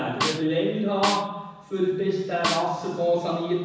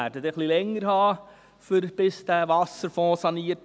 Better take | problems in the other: second | background sound (Snare drum); 5 dB below the speech // room echo; dies away in 1.1 s

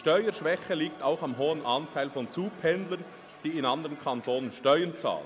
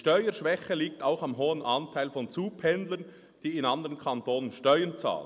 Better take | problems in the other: second | background sound (Crowd); 20 dB below the speech

